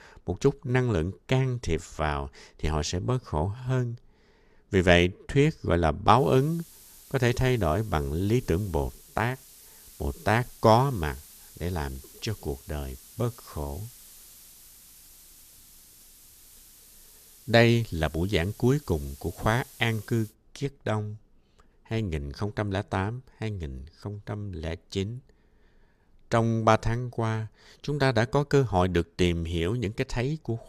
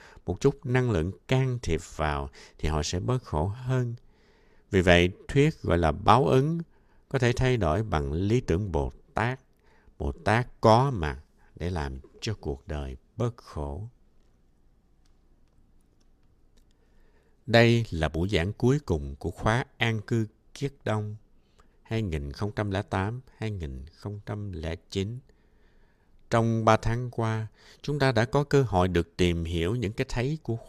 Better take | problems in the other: second | hiss; faint; from 6 to 20 s; 20 dB below the speech

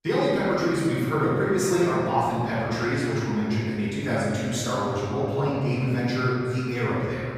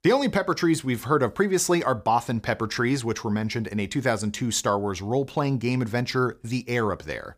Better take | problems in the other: second | room echo; strong; dies away in 2.8 s // off-mic speech; far

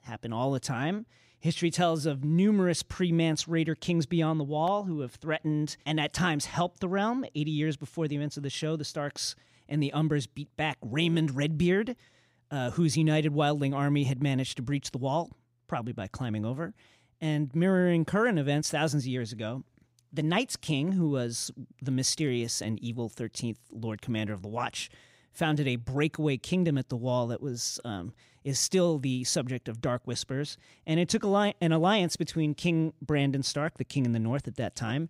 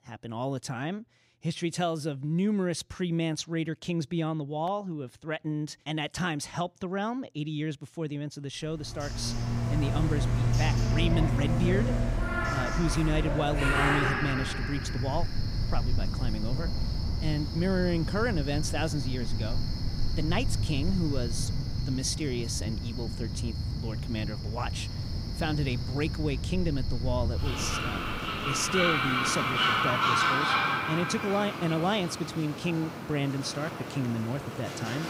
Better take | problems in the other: first | animal sounds; very loud; from 9 s on; 1 dB above the speech

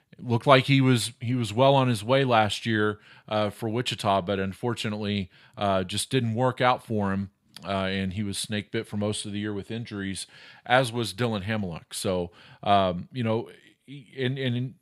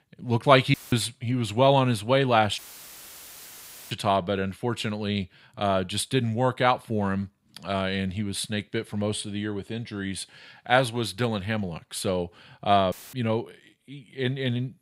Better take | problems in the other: first | audio cutting out; filled with static; at 0.5 s, at 2.5 s for 1.5 s and at 13 s

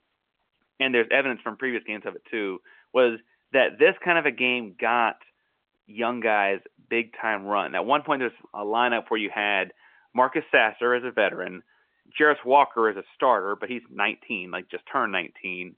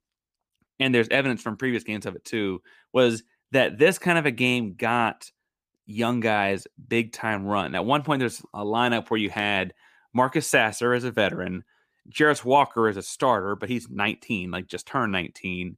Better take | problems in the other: second | phone-call audio

